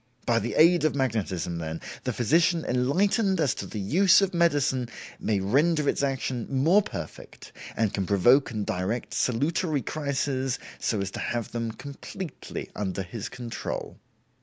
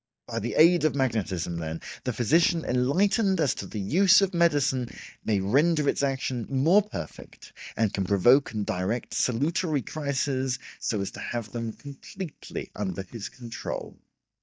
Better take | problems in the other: first | noise reduction (neural mask model DeepFilterNet 3)

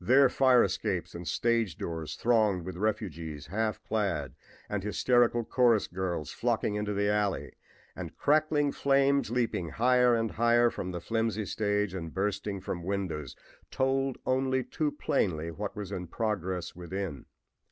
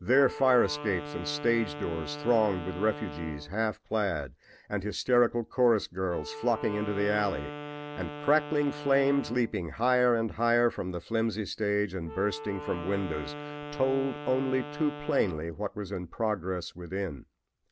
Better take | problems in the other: first | background sound (Wind instrument, woodwind instrument); 13 dB below the speech

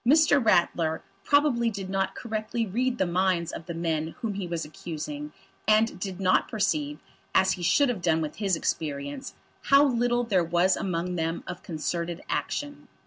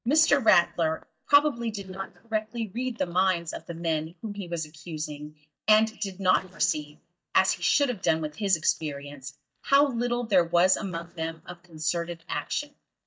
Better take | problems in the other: first | noise reduction (neural mask model DeepFilterNet 3)

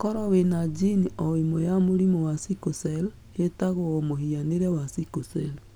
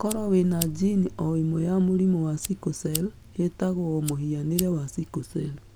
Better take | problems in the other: first | background sound (Fire); 15 dB below the speech

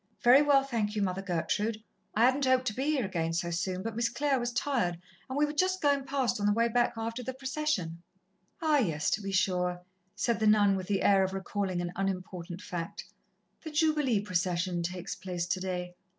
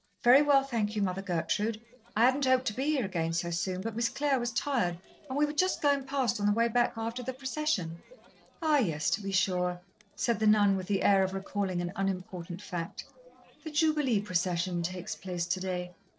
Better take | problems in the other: first | noise reduction (neural separator model SepFormer DNS4)

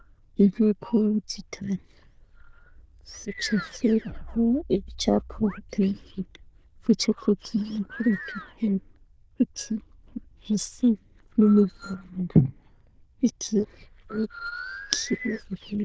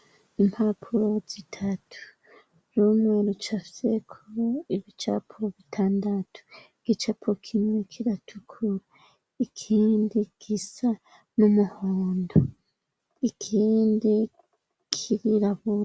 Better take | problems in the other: second | noise reduction (neural diffusion model UNIVERSE++)

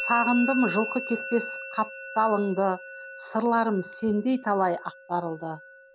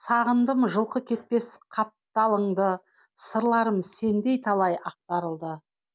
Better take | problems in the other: second | background sound (Musical instrument); 10 dB below the speech

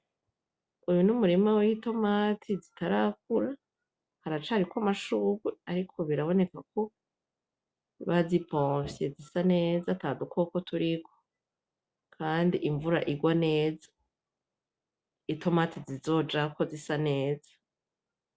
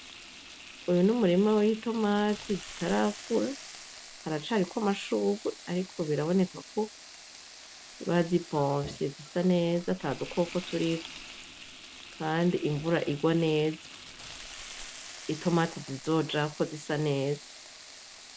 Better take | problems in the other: first | background sound (Frying (food)); 16 dB below the speech

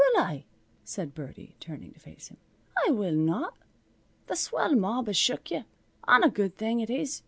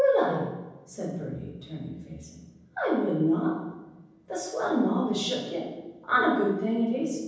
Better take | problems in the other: first | room echo; dies away in 1.1 s

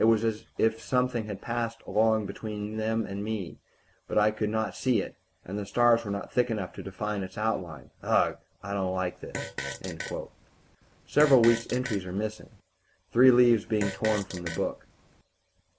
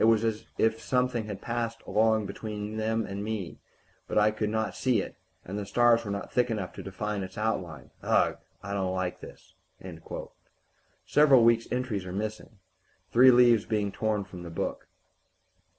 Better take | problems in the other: second | background sound (Fart); 11 dB below the speech

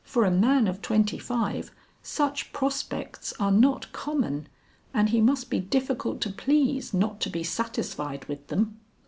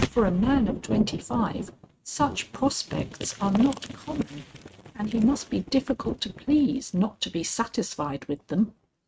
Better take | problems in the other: first | noise reduction (neural mask model RNNoise)

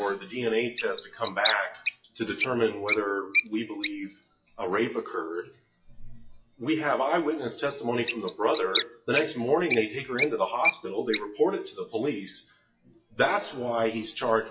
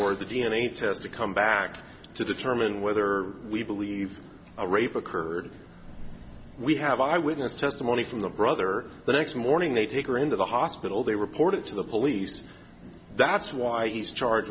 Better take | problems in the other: second | noise reduction (classical method WPE with log-MMSE)

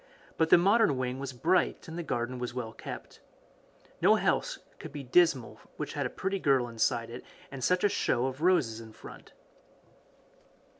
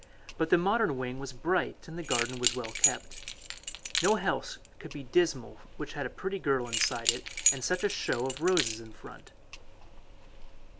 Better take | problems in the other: first | background sound (Keys jangling); 4 dB below the speech

